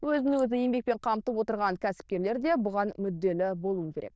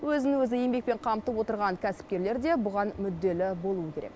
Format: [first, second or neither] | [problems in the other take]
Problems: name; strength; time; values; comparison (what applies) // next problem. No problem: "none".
second | noise reduction (neural diffusion model UNIVERSE++)